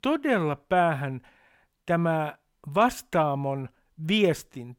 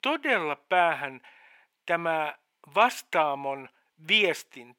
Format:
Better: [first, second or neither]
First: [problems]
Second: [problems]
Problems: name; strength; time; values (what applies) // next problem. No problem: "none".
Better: first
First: none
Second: thin; somewhat; fading below 350 Hz